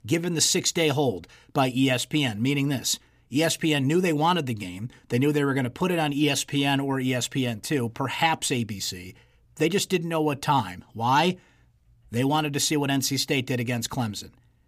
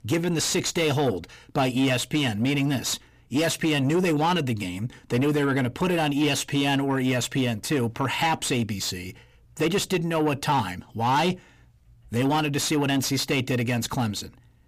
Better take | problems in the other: first | distortion; slight; 10 dB below the speech

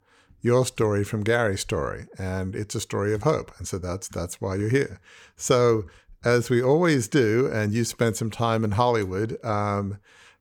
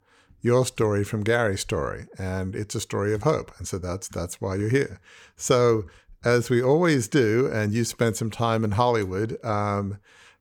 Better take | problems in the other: neither | none

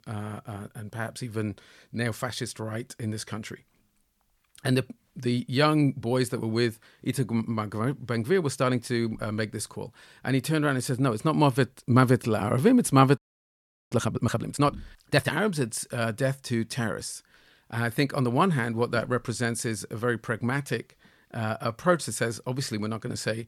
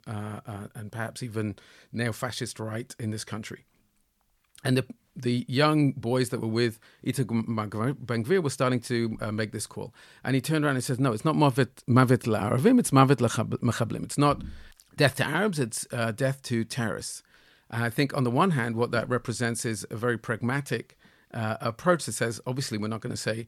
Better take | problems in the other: second | audio freezing; at 13 s for 0.5 s

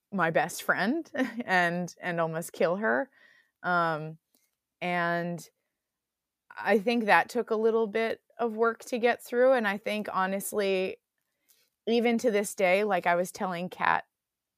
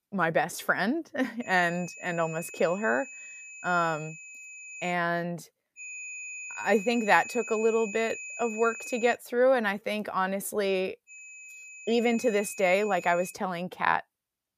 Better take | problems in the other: first | high-pitched whine; noticeable; from 1.5 to 5 s, from 6 to 9 s and from 11 to 13 s; 2.5 kHz, 10 dB below the speech

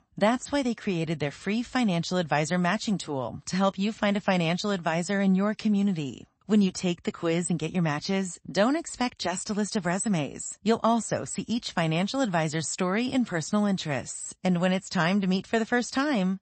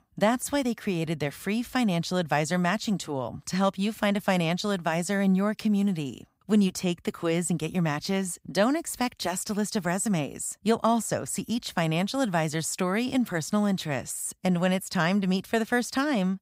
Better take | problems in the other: second | garbled, watery; slightly; nothing above 8 kHz

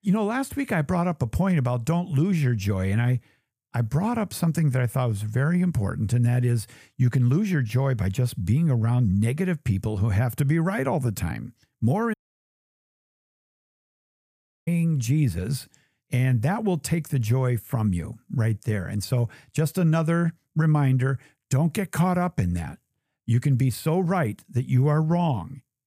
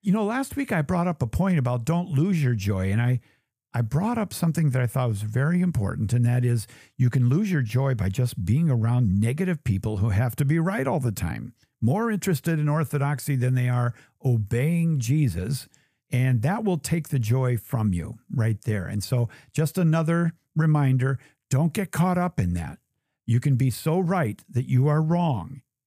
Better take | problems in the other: second | audio cutting out; at 12 s for 2.5 s

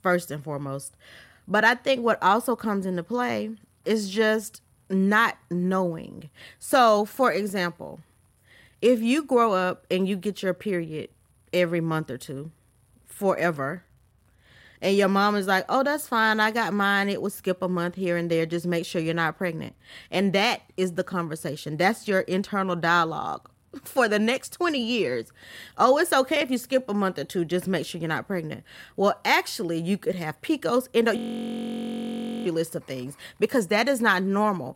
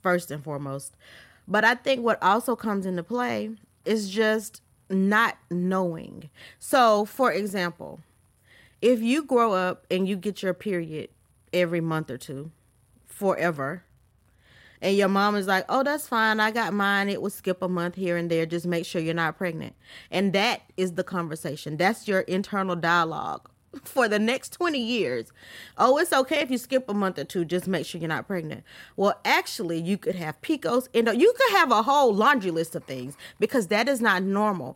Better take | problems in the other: second | audio freezing; at 31 s for 1.5 s

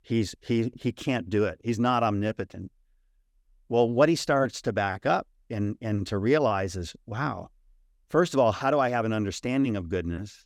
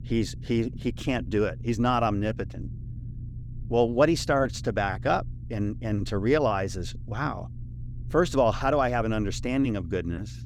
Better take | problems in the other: first | low rumble; faint; throughout; 25 dB below the speech

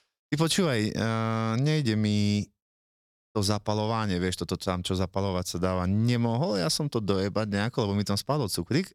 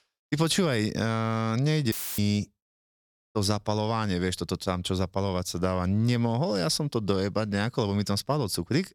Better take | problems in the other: first | audio cutting out; filled with static; at 2 s

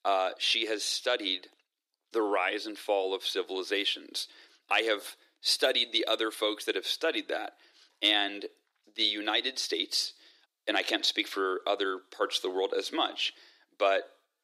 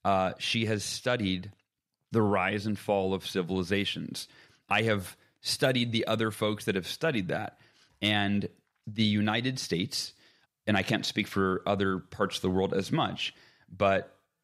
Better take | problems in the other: second | thin; very; fading below 300 Hz

